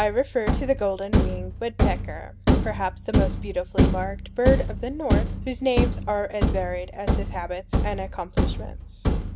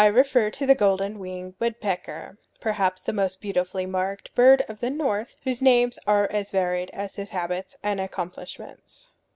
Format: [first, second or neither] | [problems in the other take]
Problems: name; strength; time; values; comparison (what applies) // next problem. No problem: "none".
second | background sound (Thump, thud); 4 dB above the speech